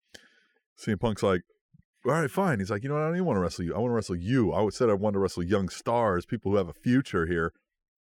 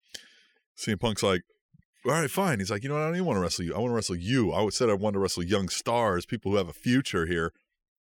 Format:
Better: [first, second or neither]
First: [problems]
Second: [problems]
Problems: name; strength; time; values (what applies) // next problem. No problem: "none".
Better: second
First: muffled; slightly; fading above 1.5 kHz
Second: none